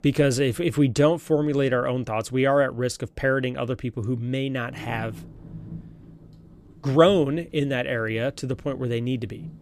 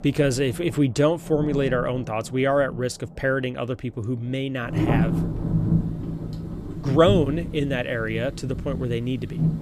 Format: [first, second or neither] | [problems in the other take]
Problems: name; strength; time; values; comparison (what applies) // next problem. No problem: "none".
first | rain or running water; loud; throughout; 3 dB below the speech; faint in the first